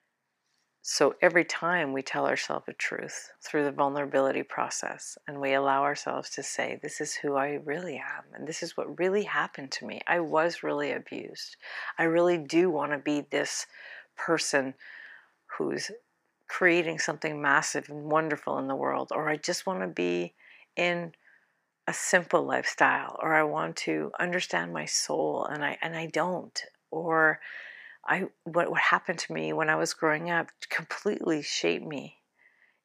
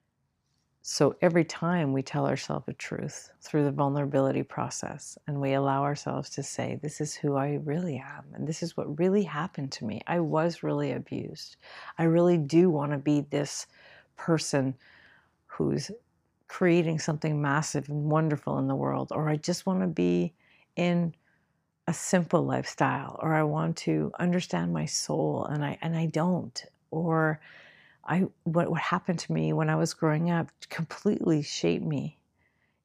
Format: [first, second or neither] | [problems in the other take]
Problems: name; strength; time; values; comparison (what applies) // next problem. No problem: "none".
second | thin; somewhat; fading below 400 Hz